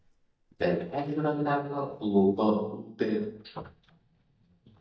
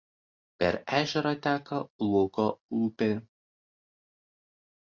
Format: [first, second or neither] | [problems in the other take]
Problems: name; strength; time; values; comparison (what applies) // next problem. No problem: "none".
second | noise reduction (neural mask model DeepFilterNet 3)